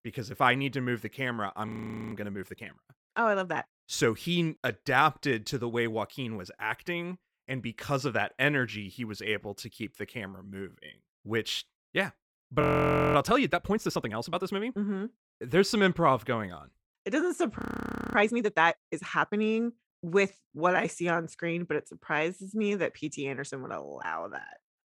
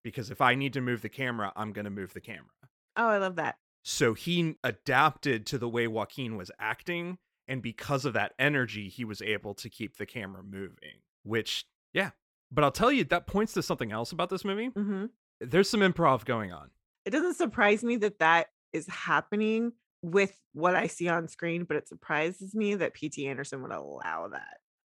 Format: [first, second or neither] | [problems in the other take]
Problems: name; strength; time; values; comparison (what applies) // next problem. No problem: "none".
second | audio freezing; at 1.5 s, at 13 s for 0.5 s and at 18 s for 0.5 s